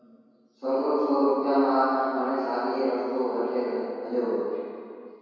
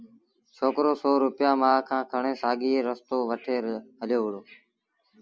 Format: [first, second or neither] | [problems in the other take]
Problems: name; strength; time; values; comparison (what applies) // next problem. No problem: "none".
second | room echo; dies away in 2.2 s